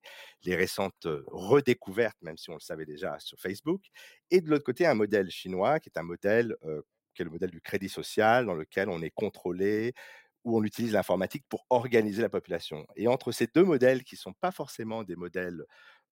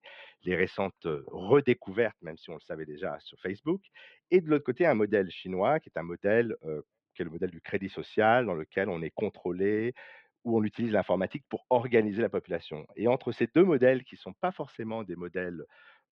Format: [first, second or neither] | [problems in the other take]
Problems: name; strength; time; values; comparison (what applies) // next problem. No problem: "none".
first | muffled; very; fading above 3 kHz